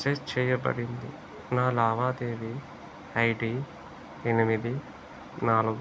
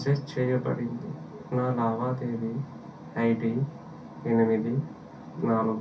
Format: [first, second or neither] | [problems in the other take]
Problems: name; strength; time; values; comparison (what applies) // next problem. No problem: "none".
first | room echo; dies away in 0.3 s